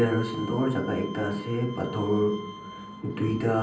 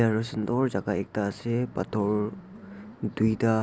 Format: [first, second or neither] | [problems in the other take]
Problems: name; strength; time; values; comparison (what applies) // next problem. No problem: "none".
second | background sound (Bowed string instrument); 15 dB below the speech // room echo; dies away in 0.6 s